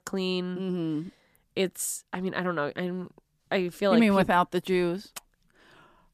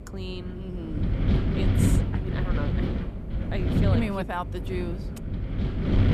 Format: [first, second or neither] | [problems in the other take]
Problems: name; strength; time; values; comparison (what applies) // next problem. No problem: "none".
first | wind noise on the microphone; heavy; as loud as the speech